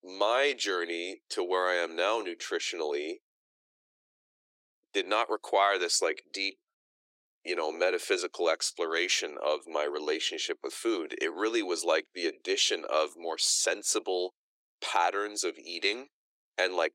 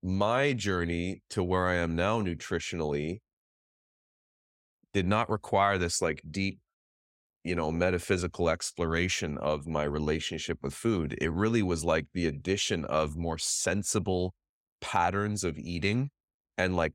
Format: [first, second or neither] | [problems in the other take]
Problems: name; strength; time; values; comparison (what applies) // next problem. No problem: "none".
second | thin; very; fading below 300 Hz